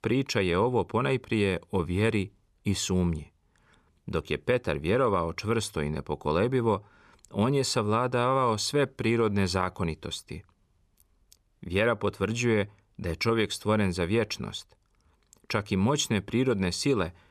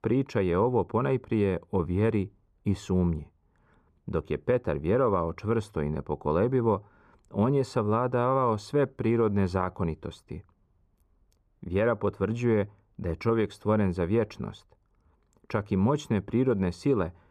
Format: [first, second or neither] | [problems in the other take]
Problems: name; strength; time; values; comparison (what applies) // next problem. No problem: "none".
first | muffled; slightly; fading above 2 kHz